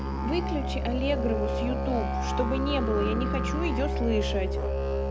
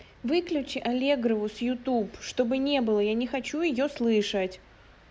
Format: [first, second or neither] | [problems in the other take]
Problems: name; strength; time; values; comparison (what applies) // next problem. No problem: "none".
second | background sound (Musical instrument); 2 dB above the speech